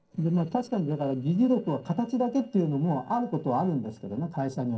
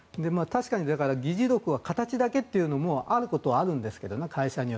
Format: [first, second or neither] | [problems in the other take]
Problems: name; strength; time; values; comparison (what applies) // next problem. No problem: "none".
second | noise reduction (neural separator model SepFormer DNS4)